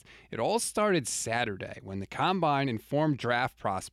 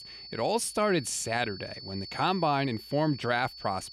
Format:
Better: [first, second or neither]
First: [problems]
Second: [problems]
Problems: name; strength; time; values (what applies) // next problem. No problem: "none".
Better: first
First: none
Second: high-pitched whine; noticeable; throughout; 4.5 kHz, 15 dB below the speech